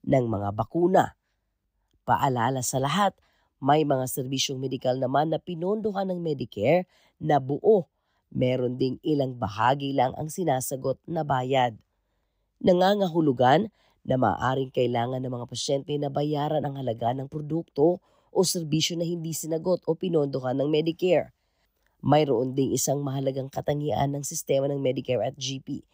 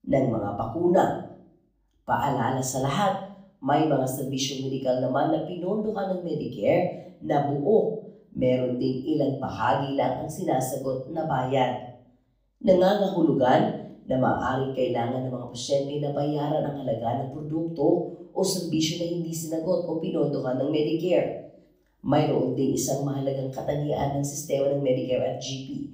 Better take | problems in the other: first | off-mic speech; far // room echo; slight; dies away in 0.5 s

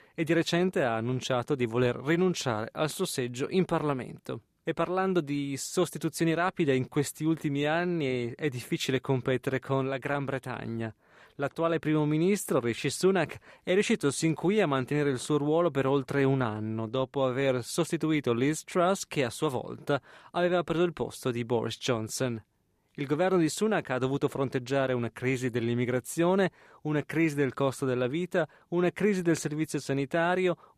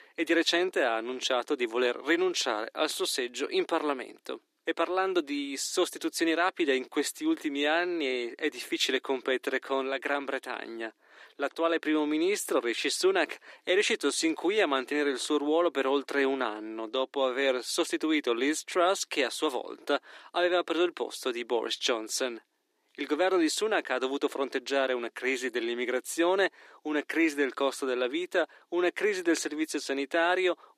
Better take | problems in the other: first | thin; somewhat; fading below 300 Hz

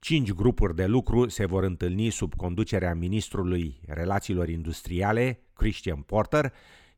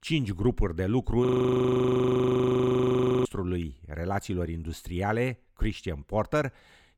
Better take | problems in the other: first | audio freezing; at 1.5 s for 2 s

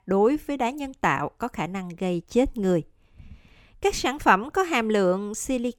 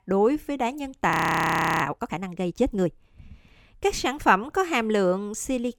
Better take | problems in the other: first | audio freezing; at 1 s for 0.5 s

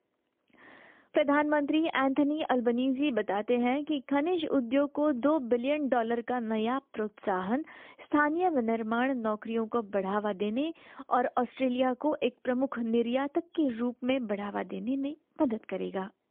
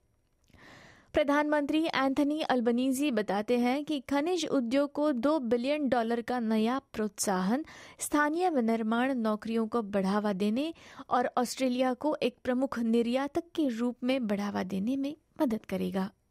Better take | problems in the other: second | phone-call audio; poor line; nothing above 3.5 kHz

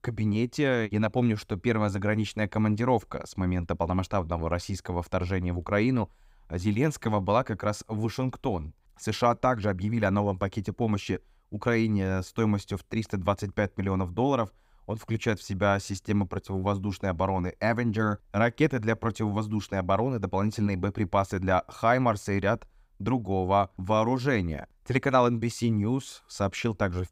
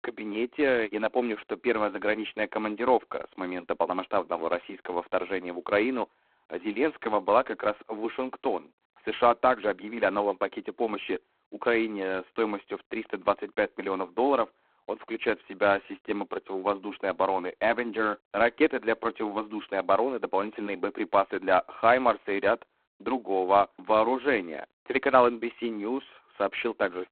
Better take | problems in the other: first | phone-call audio; poor line; nothing above 4 kHz

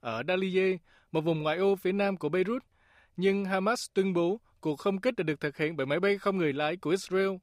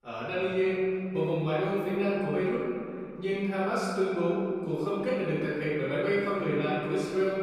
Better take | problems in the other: first | room echo; strong; dies away in 2.4 s // off-mic speech; far

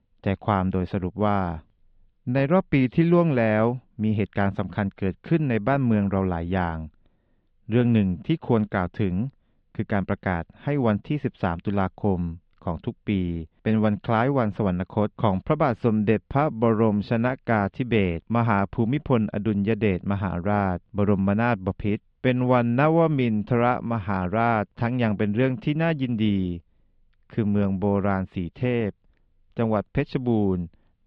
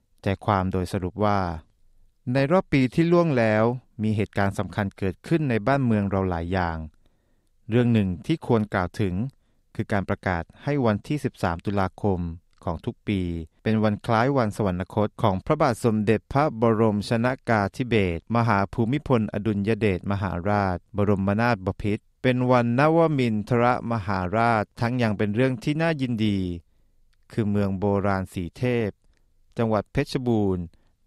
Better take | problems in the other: second | muffled; slightly; fading above 3 kHz

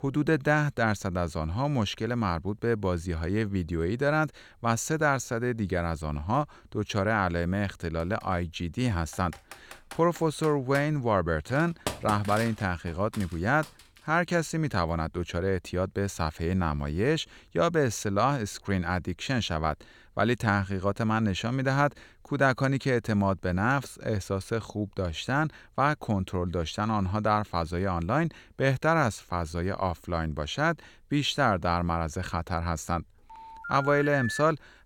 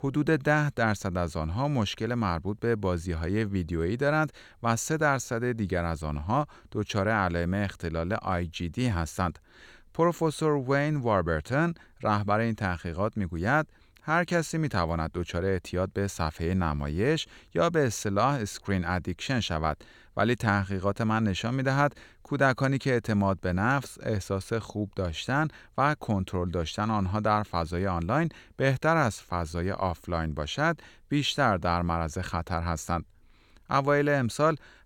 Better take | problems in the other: second | keyboard typing; noticeable; from 9 to 14 s; peak 6 dB below the speech // phone ringing; noticeable; from 33 s on; peak 4 dB below the speech

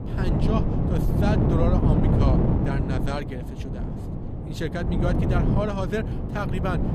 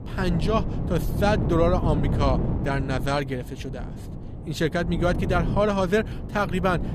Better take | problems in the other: second | wind noise on the microphone; heavy; as loud as the speech; occasional gusts in the second

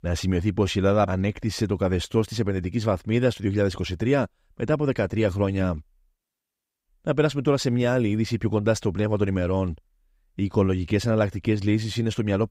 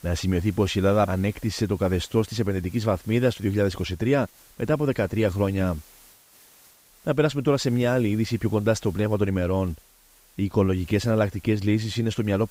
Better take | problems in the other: first | hiss; faint; throughout; 25 dB below the speech

